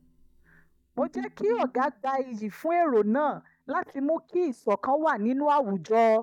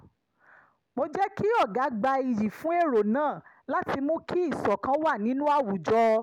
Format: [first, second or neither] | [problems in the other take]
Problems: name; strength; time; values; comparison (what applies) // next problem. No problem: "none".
second | noise reduction (neural mask model DeepFilterNet 3)